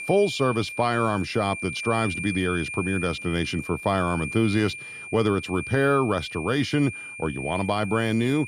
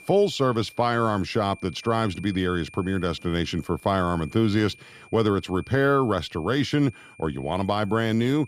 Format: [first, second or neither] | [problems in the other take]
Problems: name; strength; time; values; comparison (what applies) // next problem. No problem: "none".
second | high-pitched whine; loud; throughout; 2.5 kHz, 8 dB below the speech; faint in the second